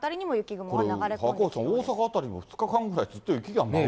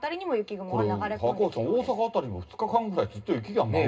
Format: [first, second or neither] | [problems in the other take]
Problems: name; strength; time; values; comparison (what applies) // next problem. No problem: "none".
first | room echo; dies away in 0.2 s